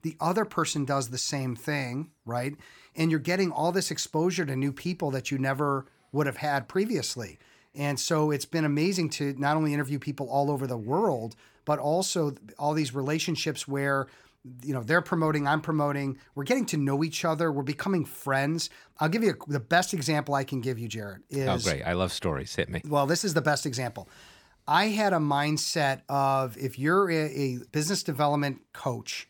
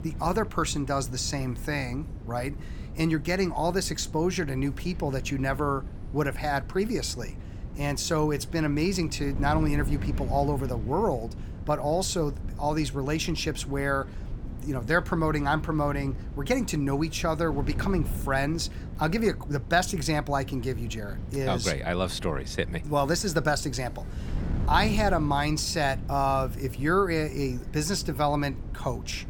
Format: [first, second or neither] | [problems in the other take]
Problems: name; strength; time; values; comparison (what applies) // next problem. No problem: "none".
first | wind noise on the microphone; occasional gusts; 20 dB below the speech